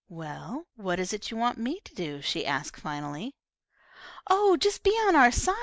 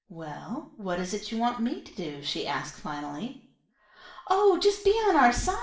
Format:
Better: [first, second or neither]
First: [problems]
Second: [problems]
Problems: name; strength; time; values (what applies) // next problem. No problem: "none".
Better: first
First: none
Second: room echo; dies away in 0.5 s